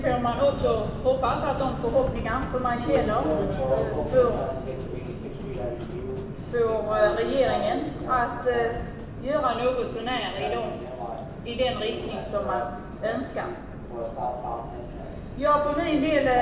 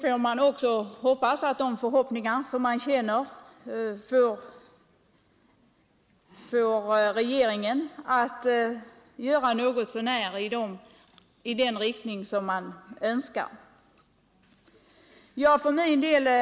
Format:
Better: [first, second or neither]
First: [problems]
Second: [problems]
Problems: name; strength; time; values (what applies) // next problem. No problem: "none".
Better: second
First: background sound (Subway, metro, underground); 4 dB below the speech // room echo; dies away in 1.2 s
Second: none